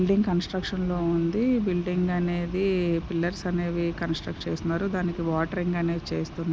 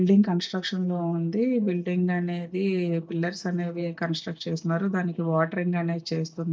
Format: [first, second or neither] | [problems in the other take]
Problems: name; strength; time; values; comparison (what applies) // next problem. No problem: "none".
first | noise reduction (neural mask model DeepFilterNet 3)